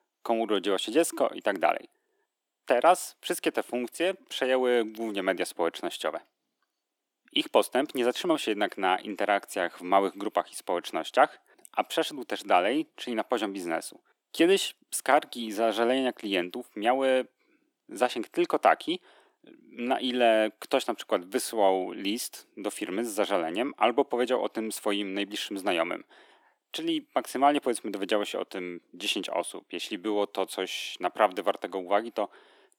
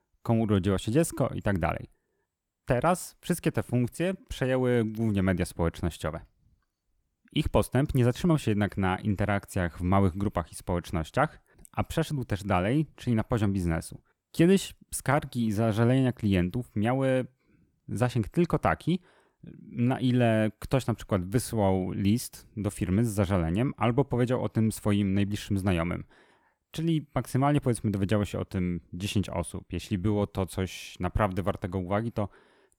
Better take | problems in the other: second | thin; very; fading below 300 Hz

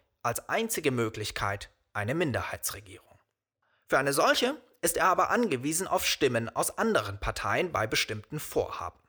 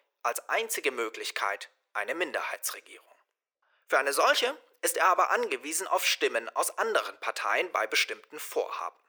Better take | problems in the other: first | thin; very; fading below 400 Hz

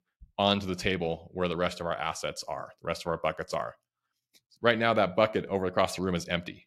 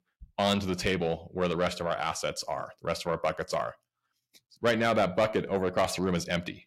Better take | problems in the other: first | distortion; slight; 10 dB below the speech

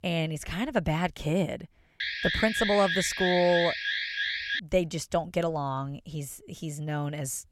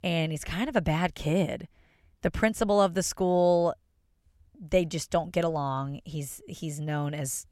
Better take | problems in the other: second | alarm; loud; from 2 to 4.5 s; peak 1 dB above the speech

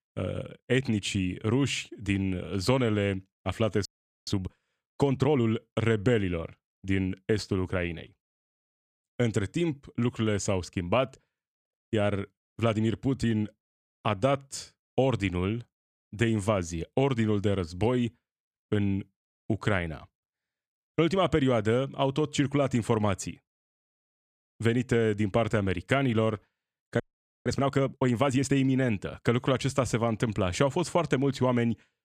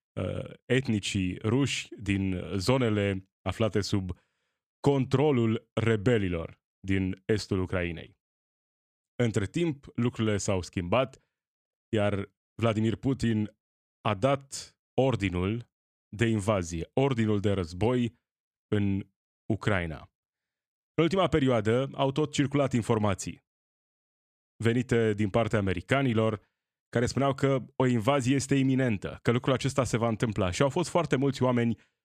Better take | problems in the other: second | audio freezing; at 4 s and at 27 s

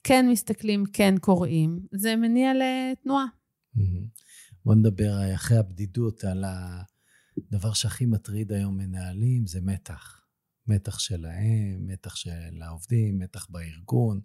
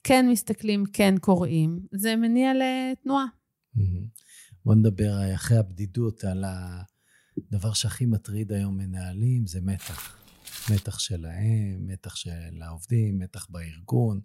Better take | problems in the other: first | footsteps; faint; from 10 to 11 s; peak 10 dB below the speech

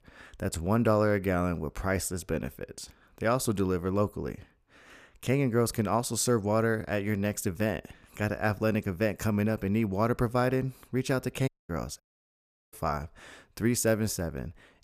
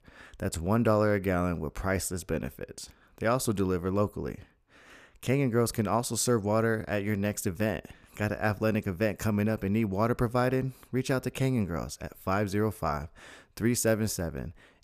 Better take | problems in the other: second | audio cutting out; at 11 s and at 12 s for 0.5 s

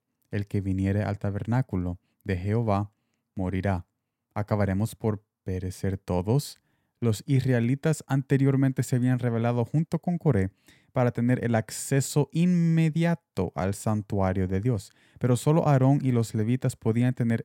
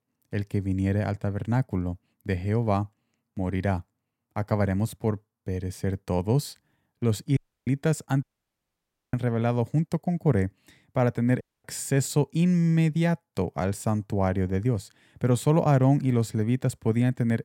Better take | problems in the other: first | audio cutting out; at 7.5 s, at 8 s for 1 s and at 11 s

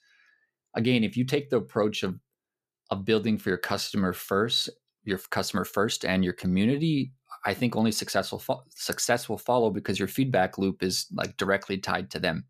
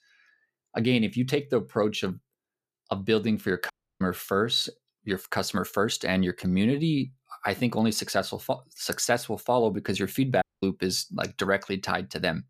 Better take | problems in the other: first | audio cutting out; at 3.5 s and at 10 s

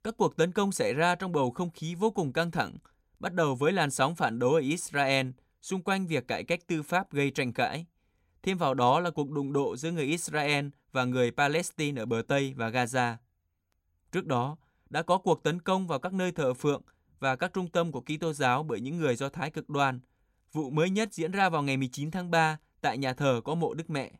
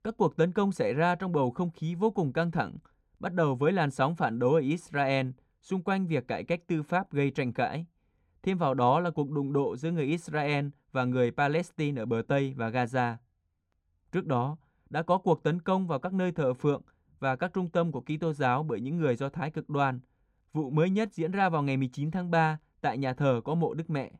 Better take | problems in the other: first | muffled; slightly; fading above 1.5 kHz

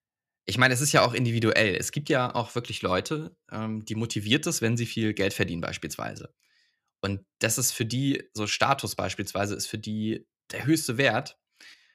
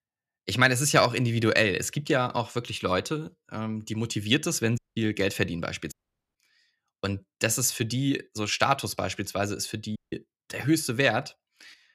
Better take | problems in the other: first | audio cutting out; at 5 s, at 6 s and at 10 s

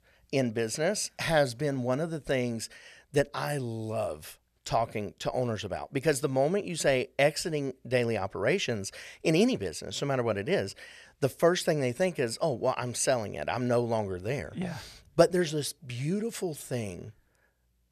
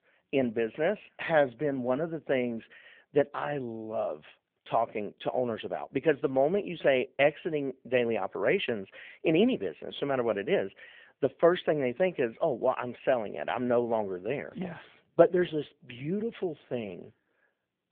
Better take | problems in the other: first | phone-call audio; nothing above 3.5 kHz

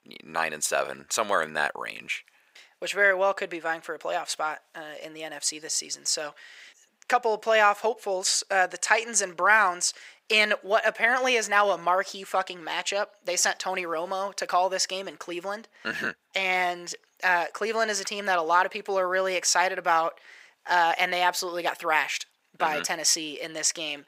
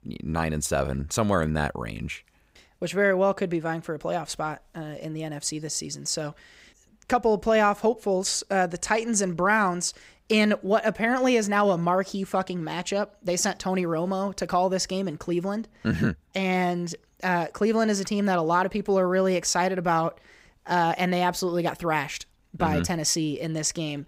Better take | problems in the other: second | thin; very; fading below 600 Hz

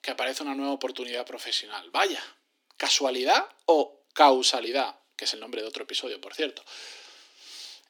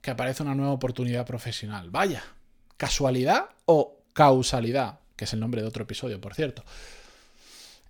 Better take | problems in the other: second | thin; somewhat; fading below 300 Hz

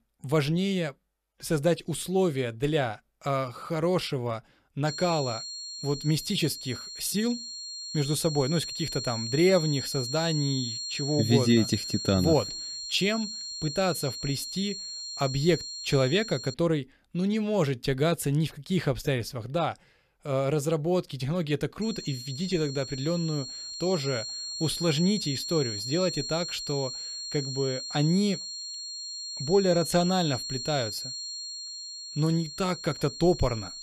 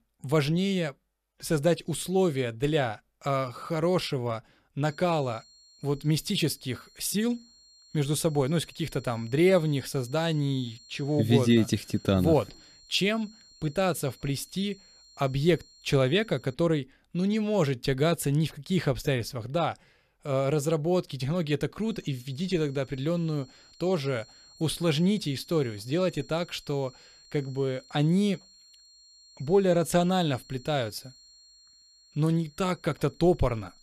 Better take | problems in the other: second | high-pitched whine; loud; from 5 to 17 s and from 22 s on; 4.5 kHz, 6 dB below the speech; faint in the second

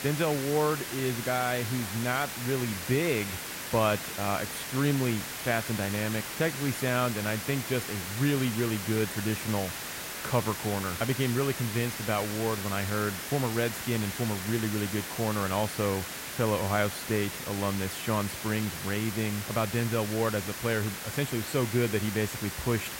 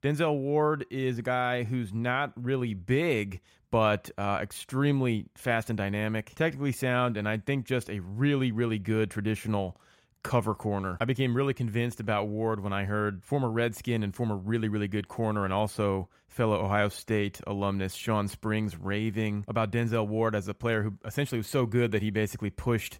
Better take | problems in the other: second | hiss; loud; throughout; 5 dB below the speech

